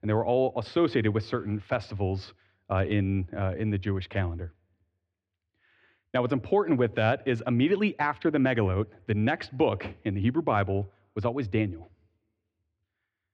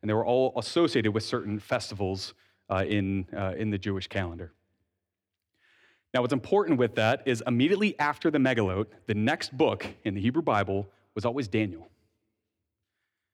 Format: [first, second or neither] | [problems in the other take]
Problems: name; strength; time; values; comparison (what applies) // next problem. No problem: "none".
second | muffled; slightly; fading above 3 kHz